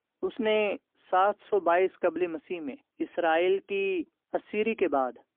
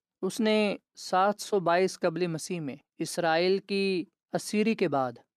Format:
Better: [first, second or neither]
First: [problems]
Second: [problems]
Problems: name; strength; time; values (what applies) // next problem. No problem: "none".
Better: second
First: phone-call audio; poor line; nothing above 3 kHz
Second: none